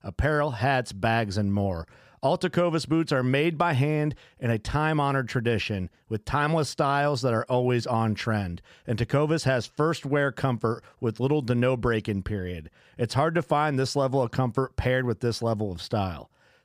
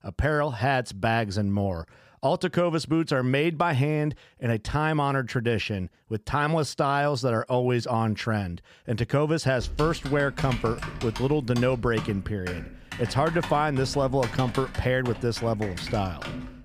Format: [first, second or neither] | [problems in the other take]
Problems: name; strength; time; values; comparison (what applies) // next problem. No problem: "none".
first | keyboard typing; noticeable; from 9.5 s on; peak 8 dB below the speech